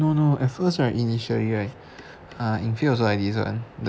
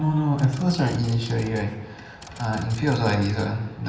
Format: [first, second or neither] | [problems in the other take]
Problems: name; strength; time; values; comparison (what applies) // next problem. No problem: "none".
first | background sound (Typewriter); 19 dB below the speech // room echo; dies away in 1.1 s